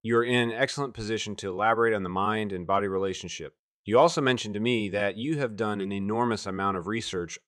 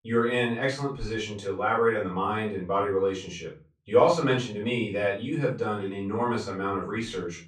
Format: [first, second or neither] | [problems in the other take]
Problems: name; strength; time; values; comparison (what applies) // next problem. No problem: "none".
first | off-mic speech; far // room echo; slight; dies away in 0.3 s